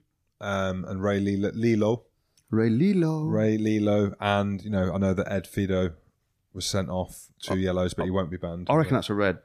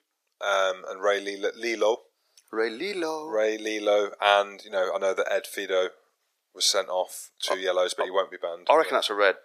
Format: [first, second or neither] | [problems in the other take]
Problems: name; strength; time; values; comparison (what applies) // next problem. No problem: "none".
first | thin; very; fading below 450 Hz